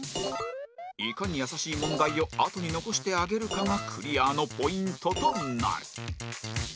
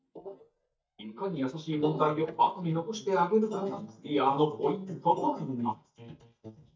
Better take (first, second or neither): first